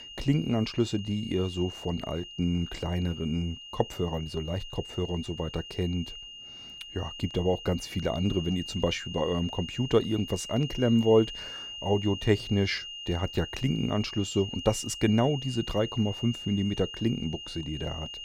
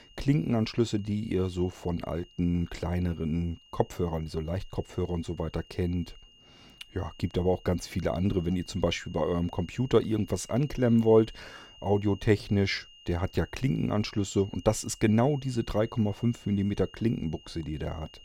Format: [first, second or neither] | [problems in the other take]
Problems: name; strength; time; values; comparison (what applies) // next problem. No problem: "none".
second | high-pitched whine; loud; throughout; 3 kHz, 10 dB below the speech; faint in the second